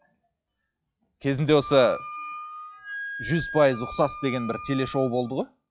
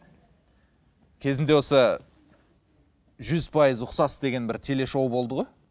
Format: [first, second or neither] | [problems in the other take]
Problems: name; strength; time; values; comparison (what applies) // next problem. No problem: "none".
second | noise reduction (classical method log-MMSE)